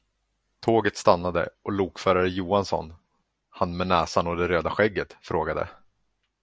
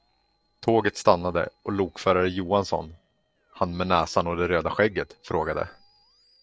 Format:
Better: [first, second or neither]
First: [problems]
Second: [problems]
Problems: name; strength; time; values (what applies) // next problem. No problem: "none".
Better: first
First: none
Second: noise reduction (neural separator model SepFormer DNS4)